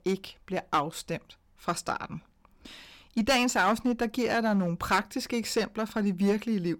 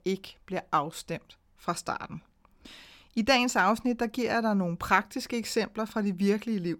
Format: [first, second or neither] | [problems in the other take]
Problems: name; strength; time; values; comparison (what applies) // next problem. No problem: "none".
second | distortion; slight; 3% of the sound clipped